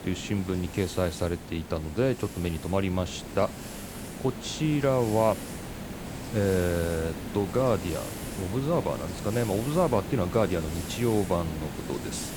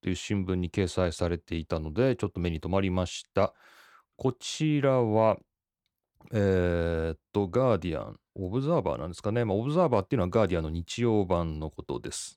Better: second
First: hiss; loud; throughout; 9 dB below the speech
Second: none

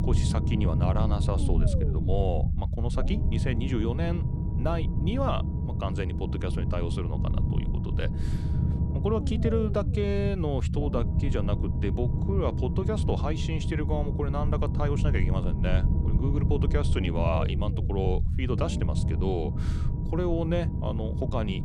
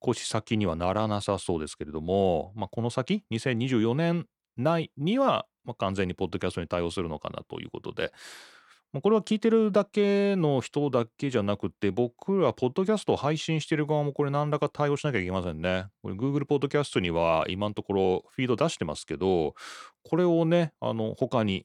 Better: second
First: low rumble; loud; throughout; 6 dB below the speech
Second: none

